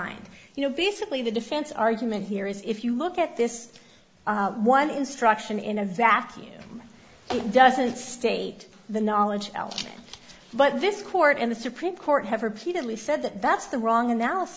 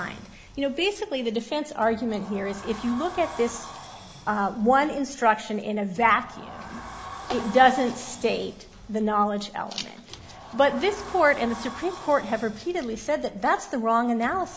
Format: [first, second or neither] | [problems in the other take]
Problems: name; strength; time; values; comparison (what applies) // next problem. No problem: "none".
first | background sound (Sliding door); 17 dB below the speech